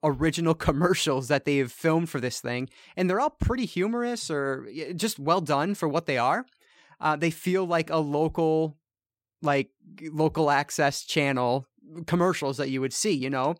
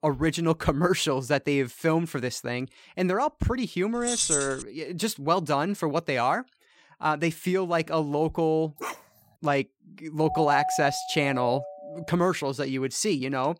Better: first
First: none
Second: jangling keys; loud; at 4 s; peak 3 dB above the speech // dog barking; noticeable; at 9 s; peak 10 dB below the speech // doorbell; noticeable; from 10 to 12 s; peak 1 dB below the speech

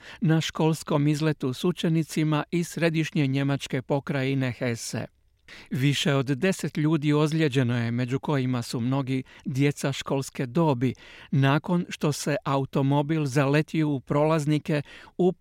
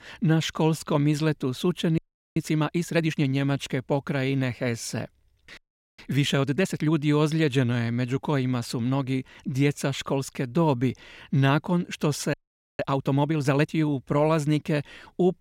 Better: first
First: none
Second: audio freezing; at 2 s, at 5.5 s and at 12 s

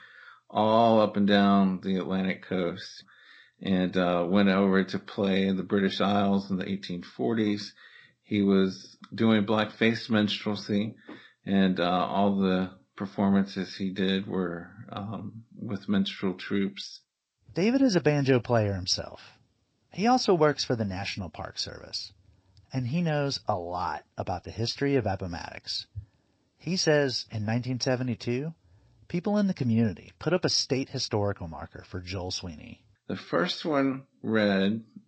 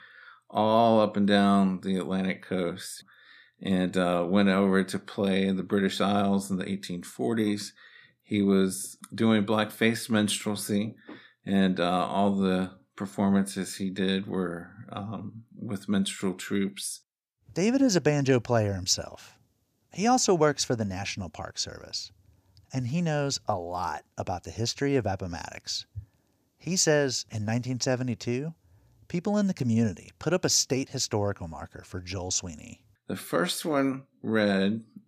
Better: second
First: garbled, watery; slightly; nothing above 8 kHz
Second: none

